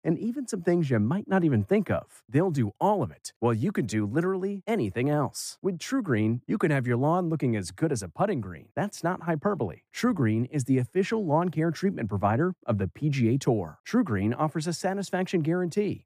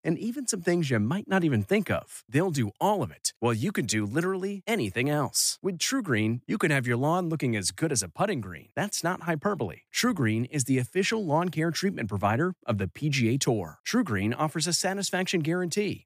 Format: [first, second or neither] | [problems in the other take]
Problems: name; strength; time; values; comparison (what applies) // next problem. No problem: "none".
second | muffled; slightly; fading above 2 kHz